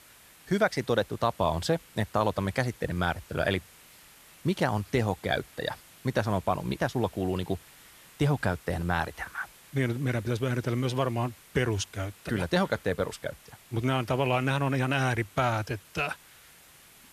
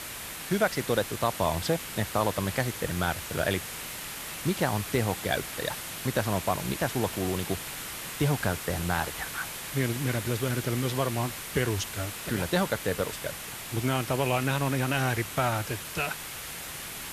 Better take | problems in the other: first | hiss; loud; throughout; 6 dB below the speech; faint in the first

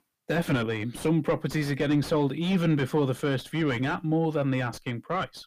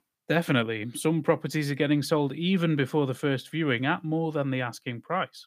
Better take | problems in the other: second | distortion; heavy; 7 dB below the speech

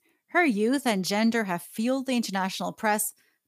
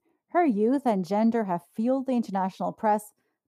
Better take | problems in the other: first | muffled; very; fading above 1 kHz

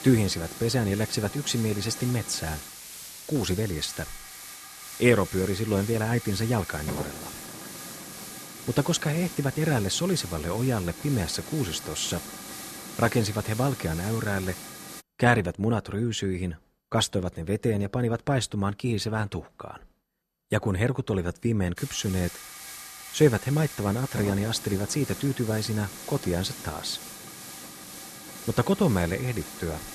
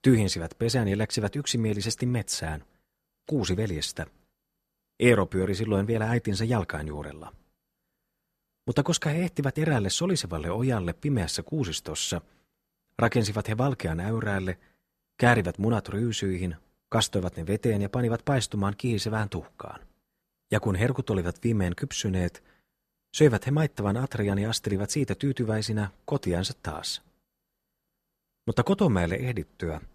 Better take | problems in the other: second | hiss; noticeable; until 15 s and from 22 s on; 10 dB below the speech

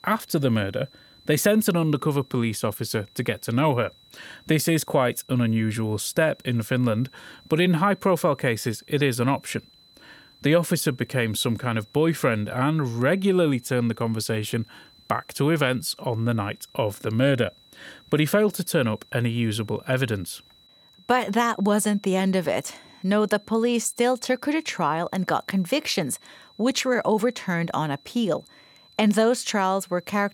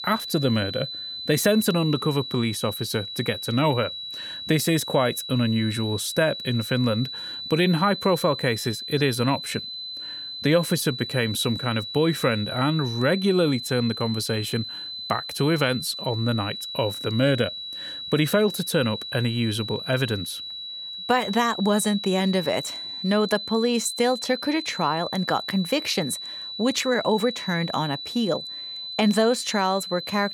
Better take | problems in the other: first | high-pitched whine; loud; throughout; 4 kHz, 7 dB below the speech; faint in the first

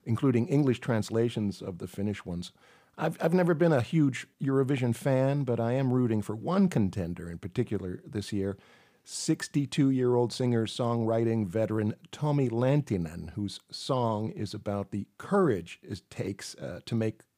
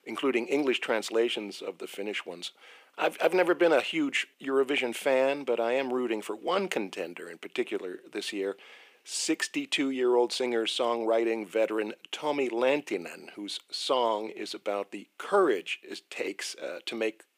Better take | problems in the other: first | thin; somewhat; fading below 350 Hz

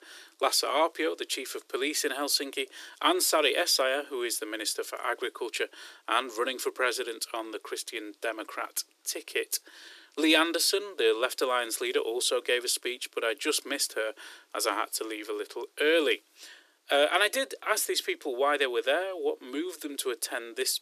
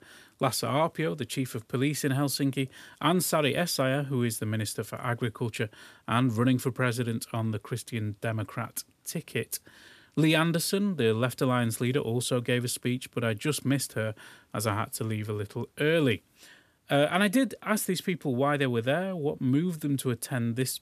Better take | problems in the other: second | thin; very; fading below 300 Hz

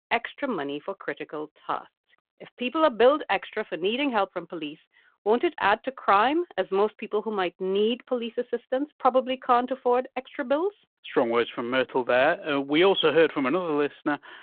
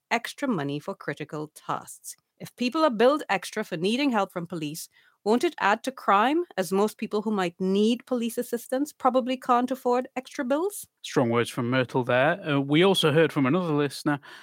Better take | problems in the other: second | phone-call audio

